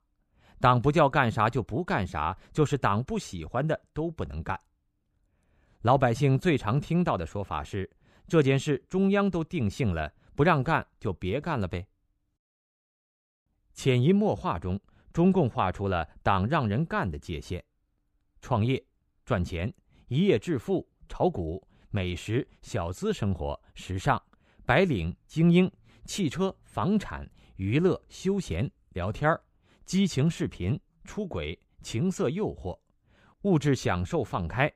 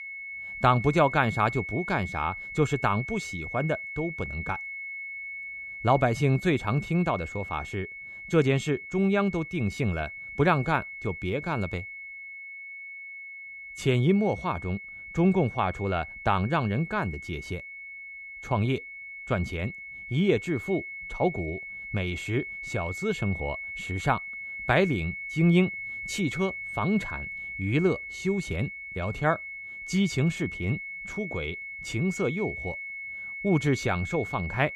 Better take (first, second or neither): first